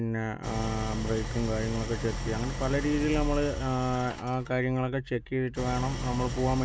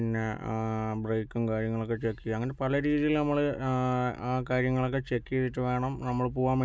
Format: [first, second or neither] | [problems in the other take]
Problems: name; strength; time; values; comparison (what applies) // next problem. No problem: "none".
second | background sound (Idling); 5 dB below the speech